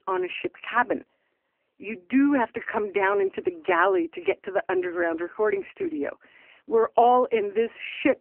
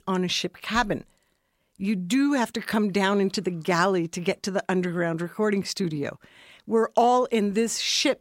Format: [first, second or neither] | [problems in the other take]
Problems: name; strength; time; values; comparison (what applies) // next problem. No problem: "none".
second | phone-call audio; poor line; nothing above 3 kHz